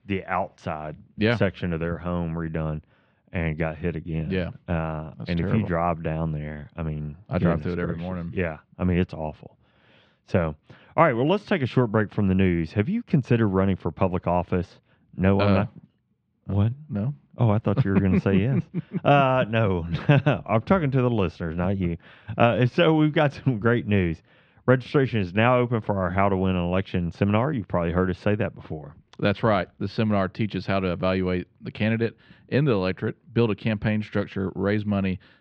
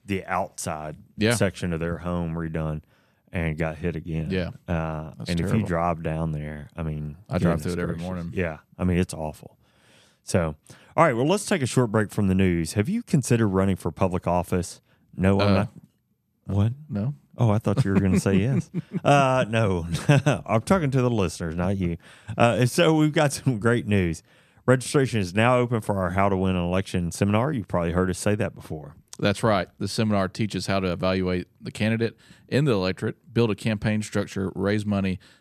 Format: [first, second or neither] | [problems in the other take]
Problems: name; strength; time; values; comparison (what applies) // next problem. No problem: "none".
second | muffled; slightly; fading above 3.5 kHz